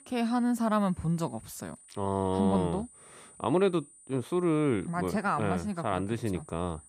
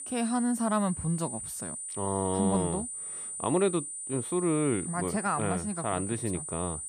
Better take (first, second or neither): first